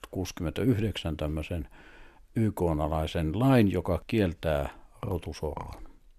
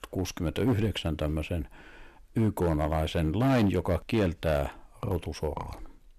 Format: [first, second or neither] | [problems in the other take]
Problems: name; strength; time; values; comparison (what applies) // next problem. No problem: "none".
first | distortion; slight; 5% of the sound clipped